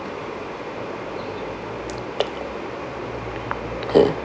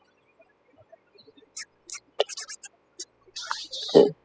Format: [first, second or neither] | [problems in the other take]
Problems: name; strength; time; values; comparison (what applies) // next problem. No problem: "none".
first | noise reduction (classical method spectral subtraction)